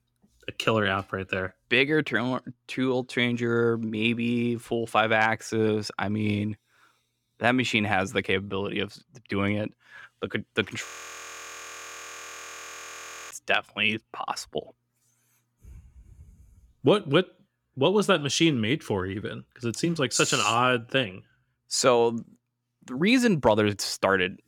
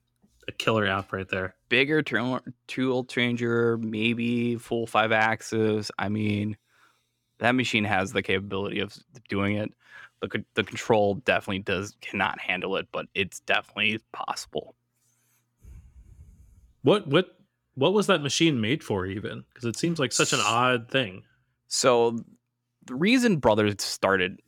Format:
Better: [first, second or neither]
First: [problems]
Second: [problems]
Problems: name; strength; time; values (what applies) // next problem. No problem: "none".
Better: second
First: audio freezing; at 11 s for 2.5 s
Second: none